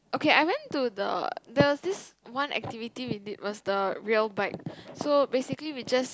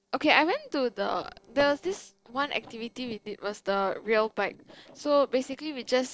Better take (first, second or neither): first